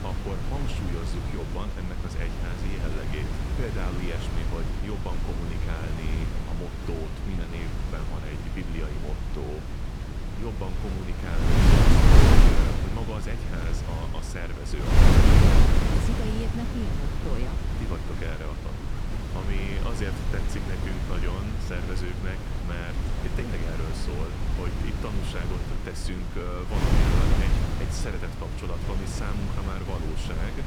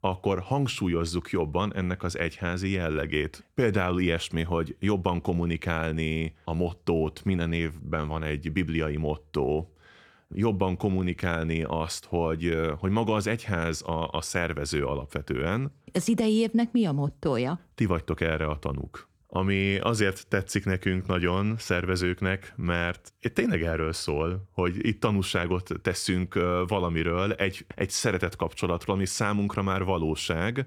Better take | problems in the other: second | wind noise on the microphone; heavy; 4 dB above the speech

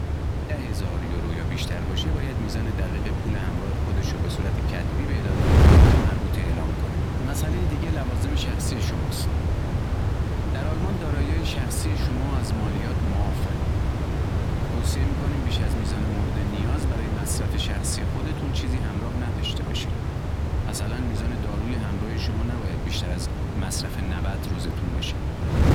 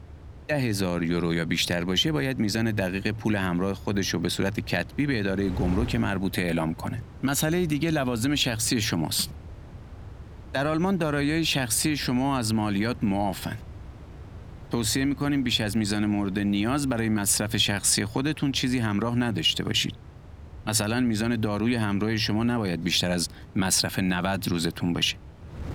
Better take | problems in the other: second | wind noise on the microphone; heavy; 2 dB above the speech; occasional gusts in the second

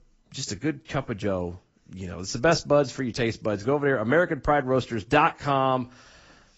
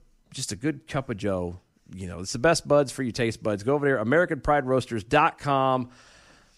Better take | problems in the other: second | garbled, watery; badly; nothing above 7.5 kHz

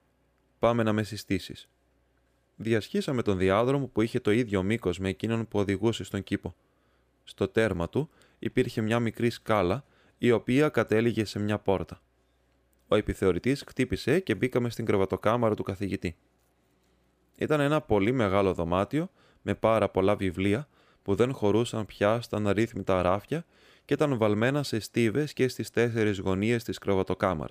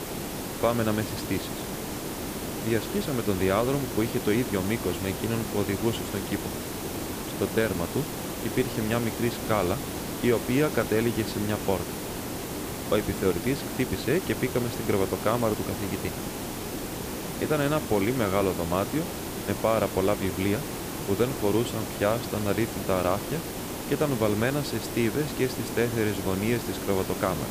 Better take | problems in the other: first | hiss; loud; throughout; 5 dB below the speech

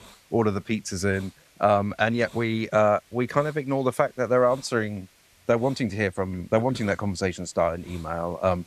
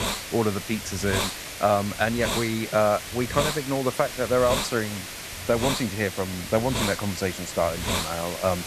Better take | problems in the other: first | hiss; loud; throughout; 5 dB below the speech; faint in the first

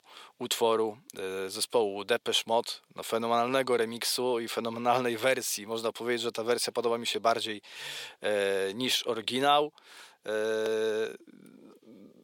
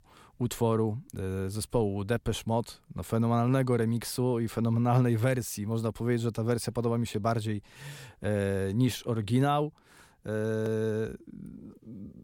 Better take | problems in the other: second | thin; very; fading below 500 Hz

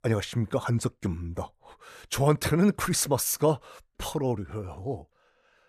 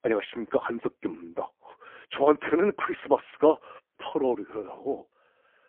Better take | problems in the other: first | phone-call audio; poor line; nothing above 3.5 kHz

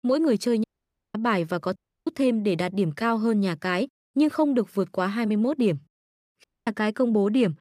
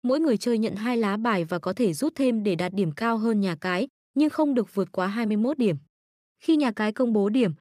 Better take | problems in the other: second | audio cutting out; at 0.5 s, at 2 s and at 6.5 s

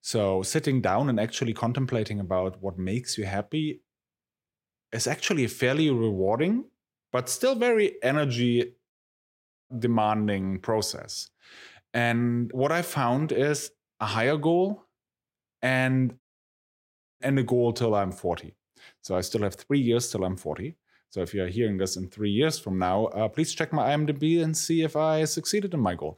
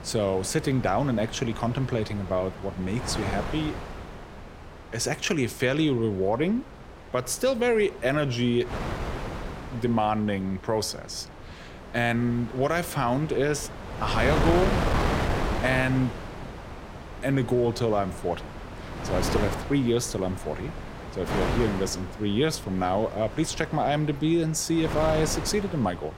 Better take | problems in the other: first | wind noise on the microphone; heavy; 7 dB below the speech

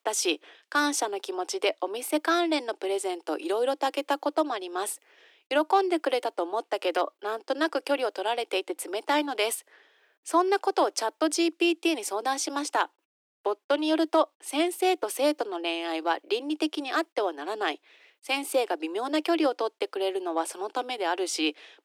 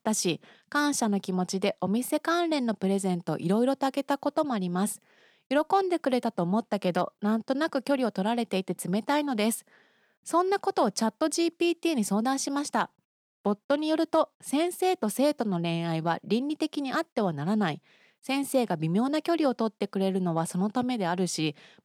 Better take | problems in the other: second | thin; somewhat; fading below 300 Hz

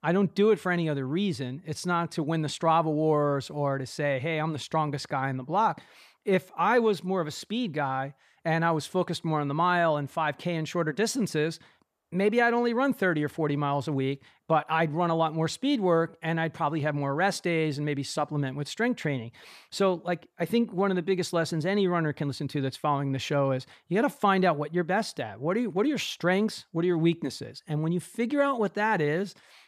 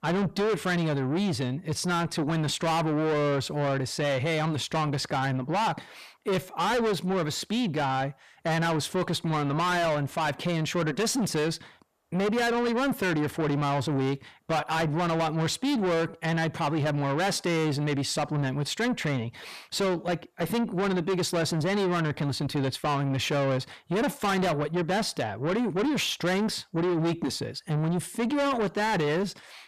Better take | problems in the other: first | distortion; heavy; 7 dB below the speech

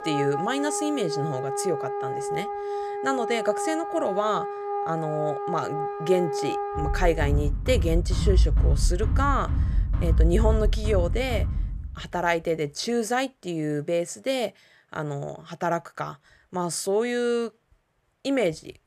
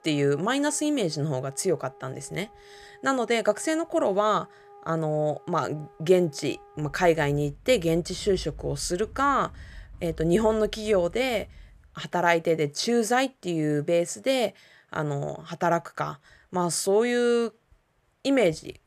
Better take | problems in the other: second | background music; loud; until 11 s; as loud as the speech; faint in the second

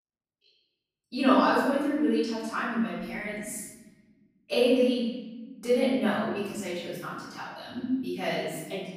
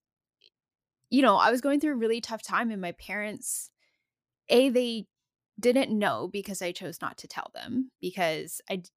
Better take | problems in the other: second | room echo; strong; dies away in 1.3 s // off-mic speech; far

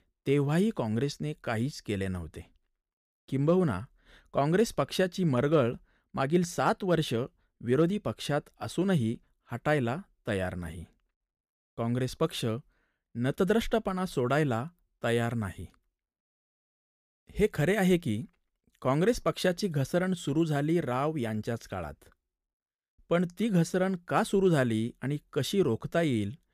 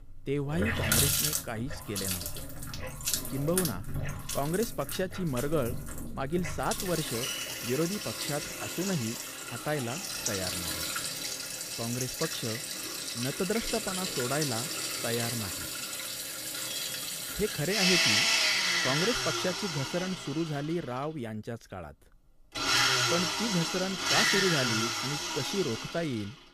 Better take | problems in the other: first | household noises; very loud; throughout; 4 dB above the speech

